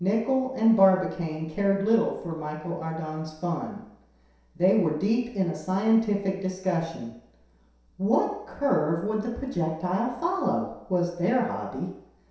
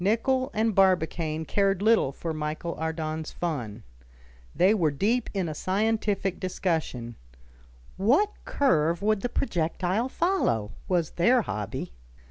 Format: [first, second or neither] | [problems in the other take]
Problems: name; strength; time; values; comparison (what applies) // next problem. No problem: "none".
second | room echo; dies away in 0.7 s